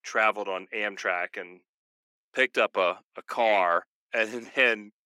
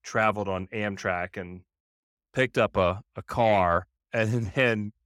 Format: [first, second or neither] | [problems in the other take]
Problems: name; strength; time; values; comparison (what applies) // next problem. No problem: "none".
second | thin; somewhat; fading below 300 Hz